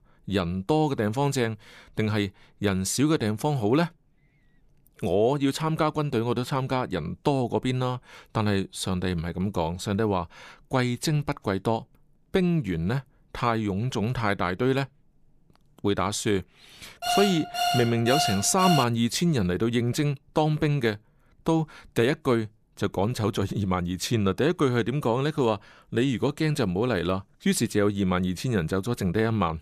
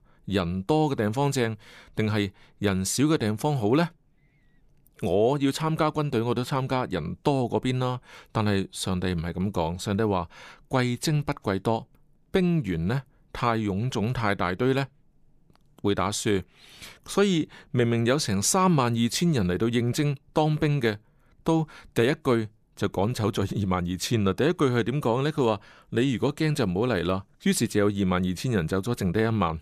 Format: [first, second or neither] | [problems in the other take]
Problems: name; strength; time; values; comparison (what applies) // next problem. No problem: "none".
second | alarm; noticeable; from 17 to 19 s; peak level with the speech